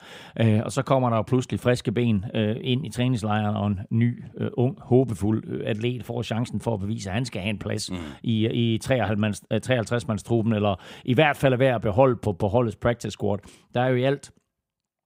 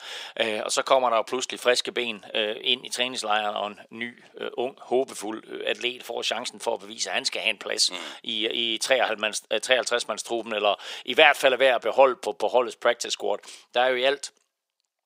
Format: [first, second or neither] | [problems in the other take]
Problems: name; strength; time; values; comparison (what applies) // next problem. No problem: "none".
first | thin; very; fading below 450 Hz